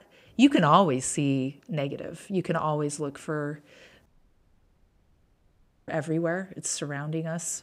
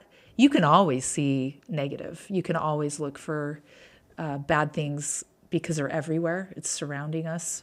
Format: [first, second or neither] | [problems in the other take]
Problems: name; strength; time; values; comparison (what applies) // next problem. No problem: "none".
second | audio cutting out; at 4 s for 2 s